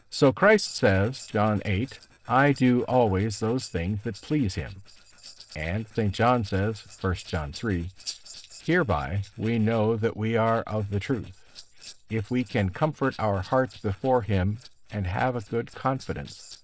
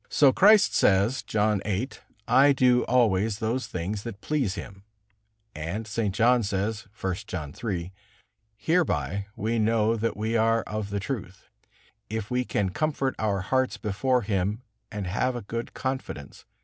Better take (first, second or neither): second